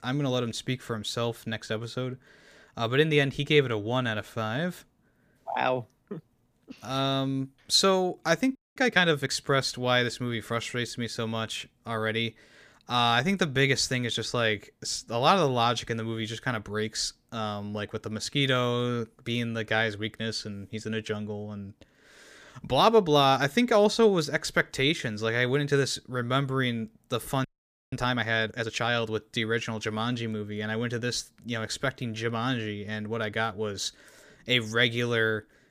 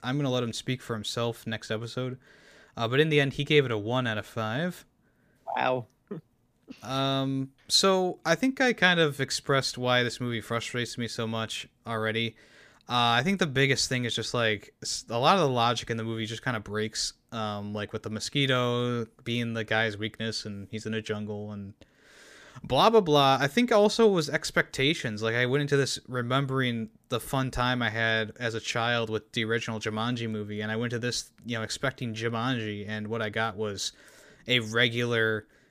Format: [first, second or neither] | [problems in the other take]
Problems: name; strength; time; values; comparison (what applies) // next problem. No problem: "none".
second | audio freezing; at 8.5 s and at 27 s